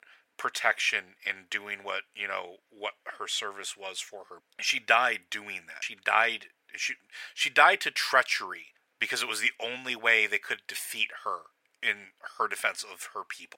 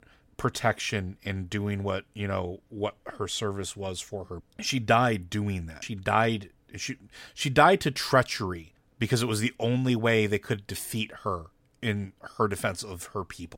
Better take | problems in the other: second | thin; very; fading below 700 Hz

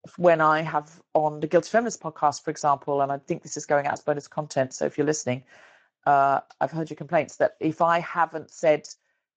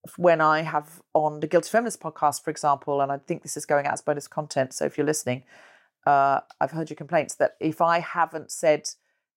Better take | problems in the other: second | garbled, watery; slightly

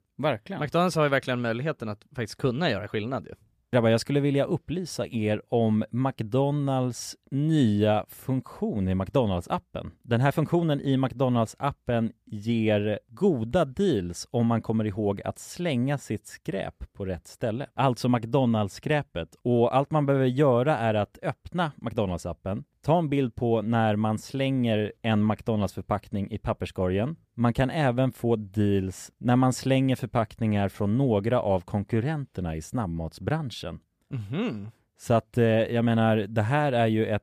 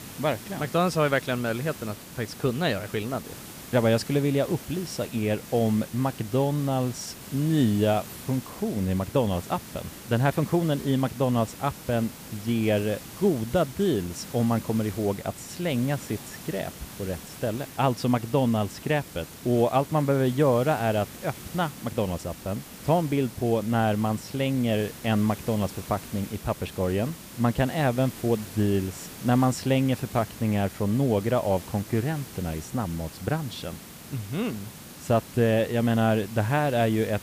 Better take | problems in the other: first | hiss; noticeable; throughout; 15 dB below the speech

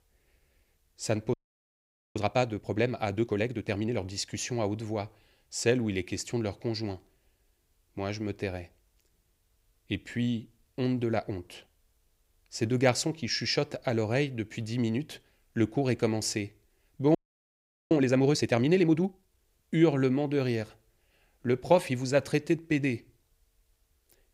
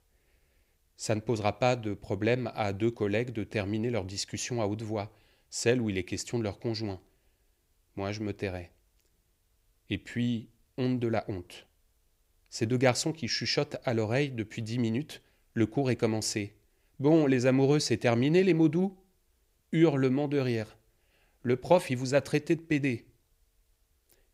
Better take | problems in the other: second | audio freezing; at 1.5 s for 1 s and at 17 s for 1 s

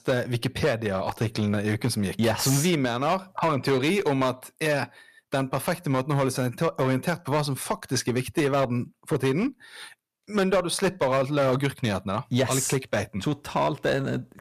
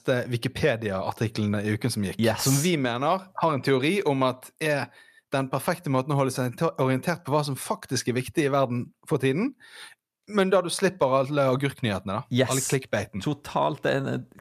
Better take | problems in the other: second | distortion; slight; 8% of the sound clipped

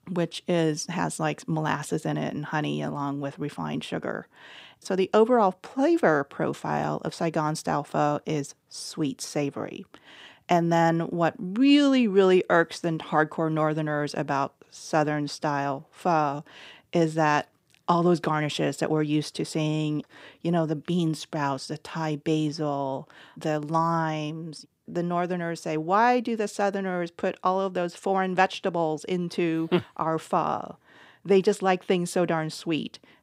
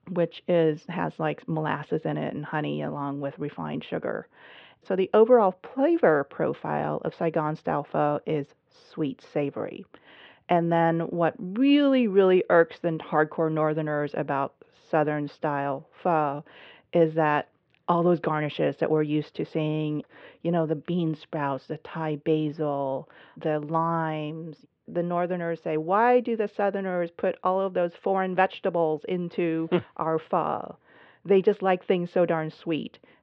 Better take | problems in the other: first | muffled; very; fading above 3 kHz

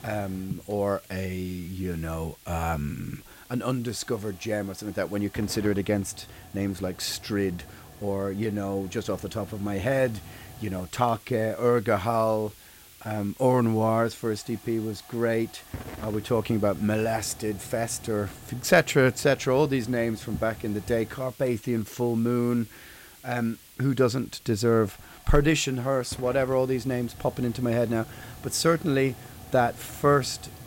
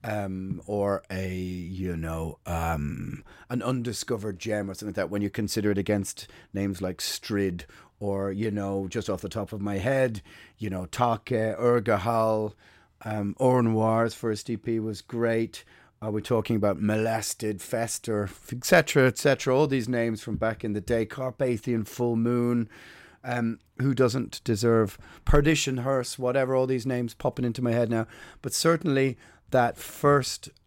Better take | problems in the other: second | hiss; noticeable; throughout; 20 dB below the speech

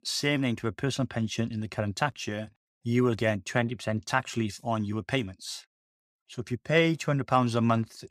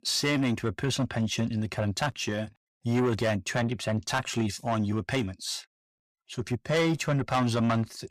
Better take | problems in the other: first | distortion; heavy; 7 dB below the speech

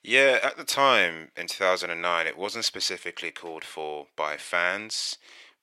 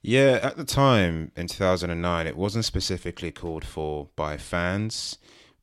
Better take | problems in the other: second | thin; very; fading below 550 Hz

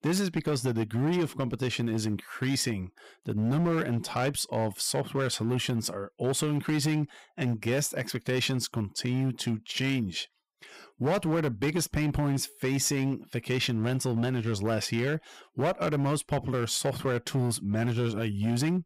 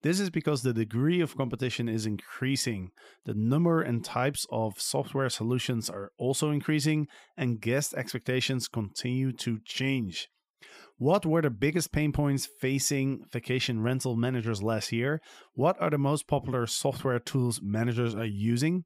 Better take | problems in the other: second | distortion; slight; 11% of the sound clipped

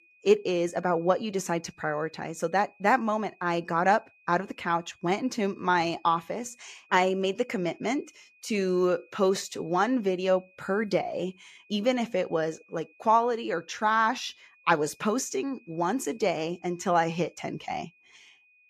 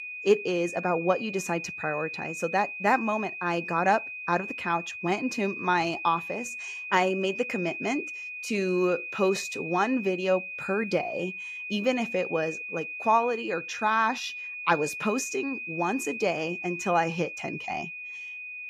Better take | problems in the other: first | high-pitched whine; loud; throughout; 2.5 kHz, 7 dB below the speech; faint in the first

